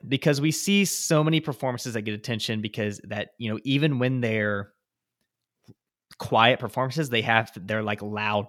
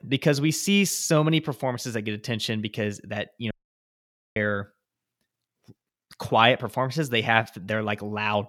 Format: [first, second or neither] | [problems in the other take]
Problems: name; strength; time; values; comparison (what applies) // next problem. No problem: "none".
first | audio cutting out; at 3.5 s for 1 s